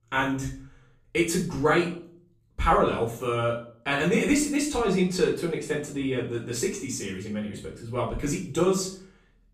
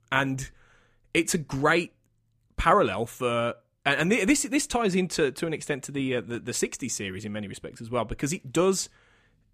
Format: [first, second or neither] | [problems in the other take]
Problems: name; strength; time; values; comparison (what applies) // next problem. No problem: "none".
second | off-mic speech; far // room echo; noticeable; dies away in 0.4 s